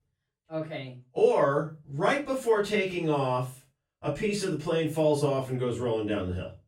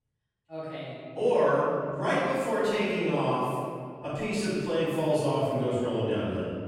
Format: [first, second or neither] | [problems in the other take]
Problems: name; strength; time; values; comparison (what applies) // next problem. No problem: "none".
first | room echo; strong; dies away in 2 s; slight in the first // off-mic speech; far; far in the first